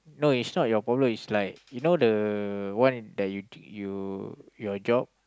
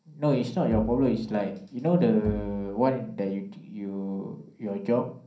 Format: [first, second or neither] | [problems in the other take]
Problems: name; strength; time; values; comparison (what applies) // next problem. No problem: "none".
first | background sound (Bowed string instrument); 11 dB below the speech // room echo; dies away in 0.6 s